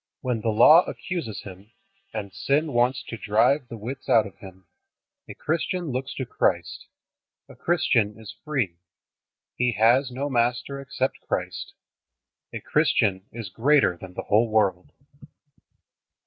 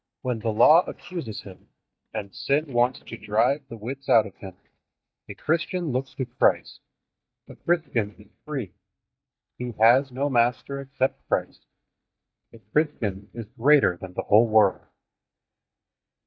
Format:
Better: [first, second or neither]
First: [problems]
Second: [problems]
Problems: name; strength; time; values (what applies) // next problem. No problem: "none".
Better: first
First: none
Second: noise reduction (neural mask model DeepFilterNet 3)